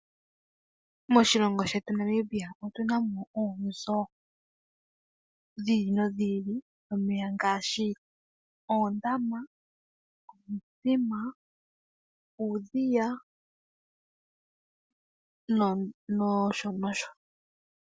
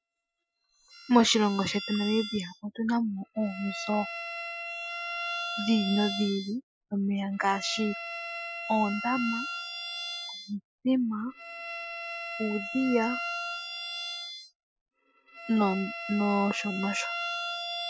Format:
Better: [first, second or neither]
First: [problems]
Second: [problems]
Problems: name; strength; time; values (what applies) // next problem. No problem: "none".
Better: first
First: none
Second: noise reduction (classical method Wiener filter)